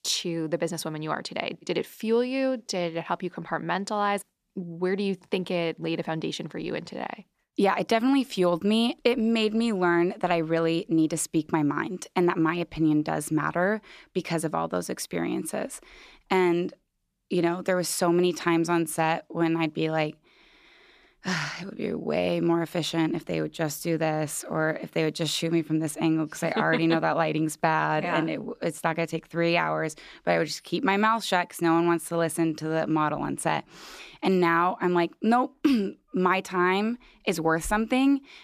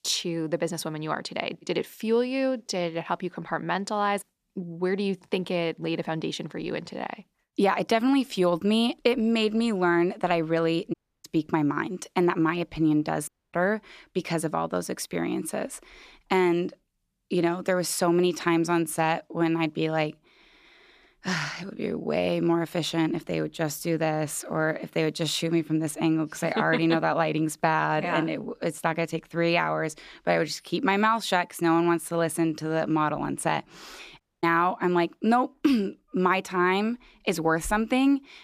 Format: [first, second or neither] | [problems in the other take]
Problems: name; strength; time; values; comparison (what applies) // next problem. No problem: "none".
first | audio cutting out; at 11 s, at 13 s and at 34 s